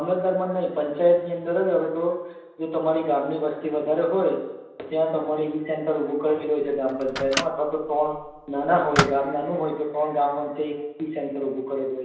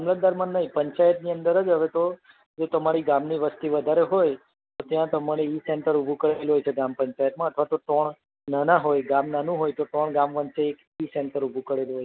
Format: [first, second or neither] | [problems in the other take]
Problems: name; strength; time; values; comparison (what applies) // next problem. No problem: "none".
second | background sound (Microwave oven); 7 dB below the speech // room echo; dies away in 0.9 s